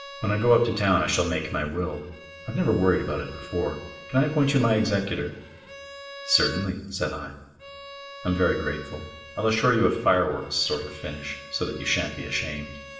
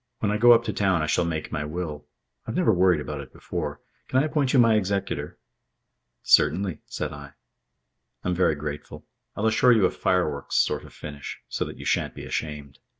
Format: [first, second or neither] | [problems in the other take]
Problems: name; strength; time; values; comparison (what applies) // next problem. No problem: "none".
second | background sound (Bowed string instrument); 17 dB below the speech // room echo; dies away in 1 s